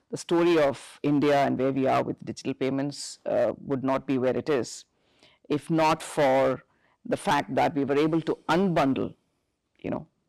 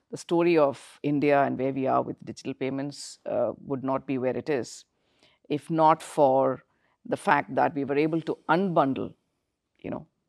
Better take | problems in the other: second | distortion; heavy; 8% of the sound clipped

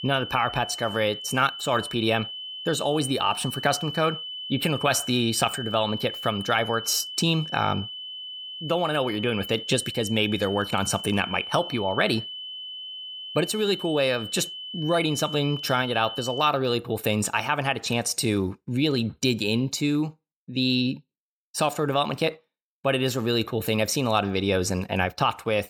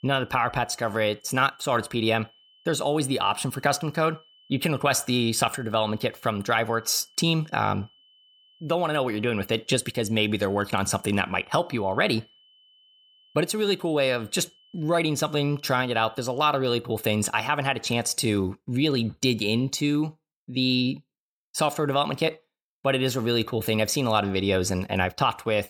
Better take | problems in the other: second | high-pitched whine; loud; until 16 s; 3 kHz, 9 dB below the speech; faint in the second

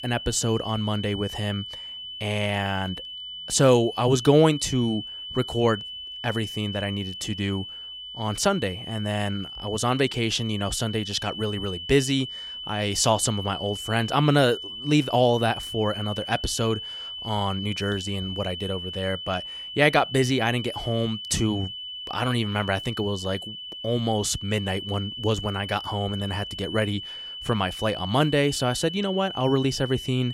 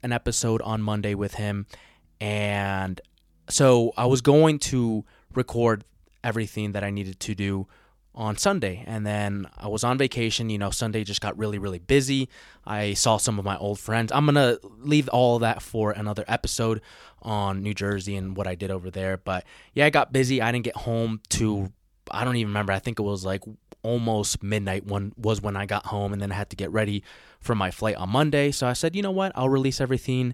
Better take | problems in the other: second | high-pitched whine; loud; throughout; 3 kHz, 8 dB below the speech

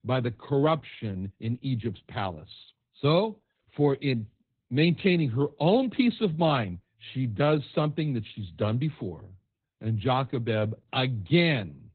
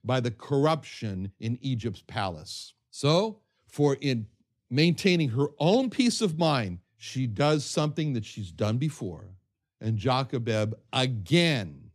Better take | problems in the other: second | garbled, watery; badly; nothing above 4 kHz

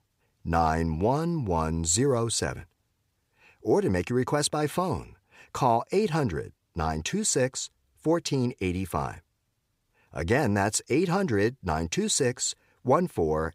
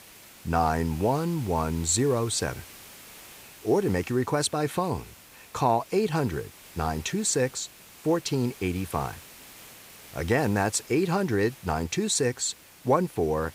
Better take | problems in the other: first | hiss; noticeable; throughout; 20 dB below the speech

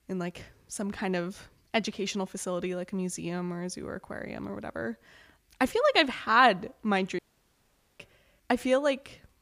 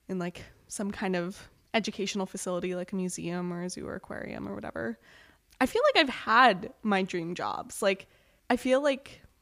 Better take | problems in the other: second | audio cutting out; at 7 s for 1 s

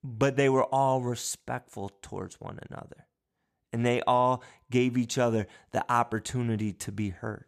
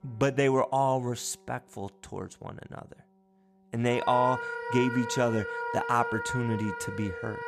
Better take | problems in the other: first | background music; loud; throughout; 6 dB below the speech

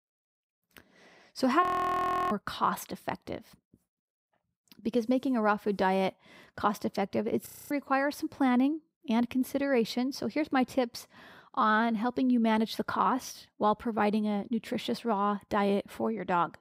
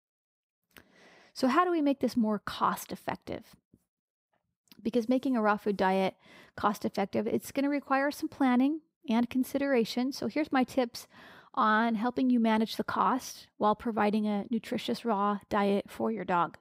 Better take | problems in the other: second | audio freezing; at 1.5 s for 0.5 s and at 7.5 s

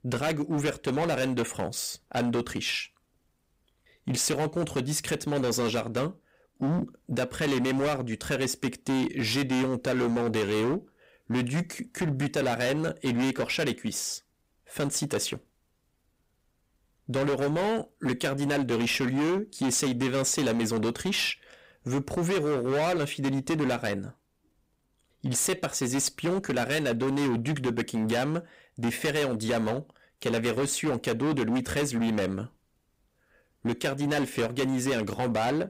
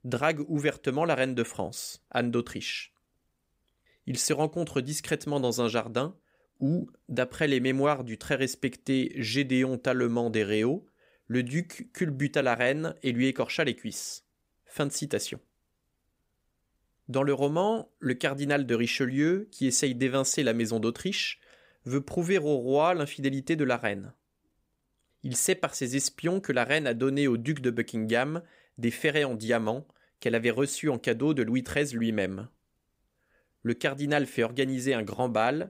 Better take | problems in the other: second | distortion; heavy; 19% of the sound clipped

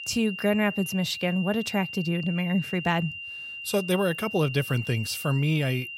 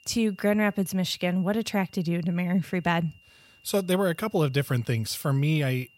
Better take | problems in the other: second | high-pitched whine; loud; throughout; 3 kHz, 8 dB below the speech; faint in the second

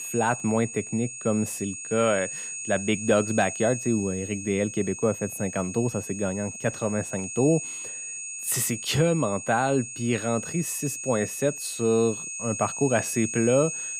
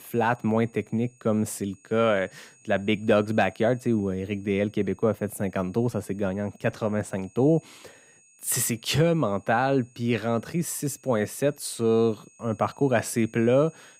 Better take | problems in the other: second | high-pitched whine; loud; throughout; 6.5 kHz, 7 dB below the speech; faint in the second

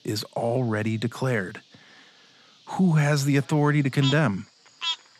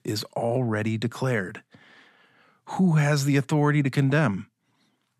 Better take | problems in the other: second | animal sounds; loud; throughout; 6 dB below the speech

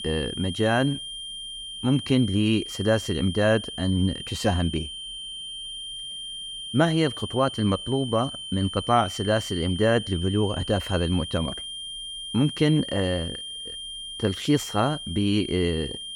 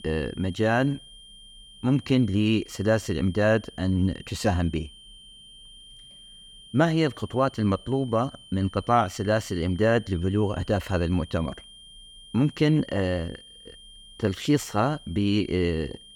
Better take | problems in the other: second | high-pitched whine; loud; throughout; 3 kHz, 8 dB below the speech; faint in the second

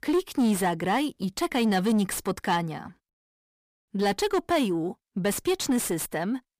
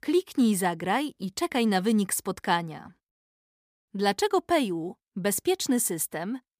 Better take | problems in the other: second | distortion; slight; 10 dB below the speech

